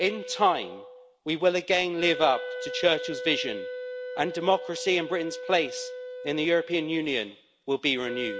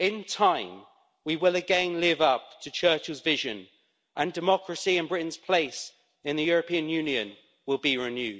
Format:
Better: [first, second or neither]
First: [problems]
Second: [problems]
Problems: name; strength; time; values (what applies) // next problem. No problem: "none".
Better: second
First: background sound (Wind instrument, woodwind instrument); 10 dB below the speech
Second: none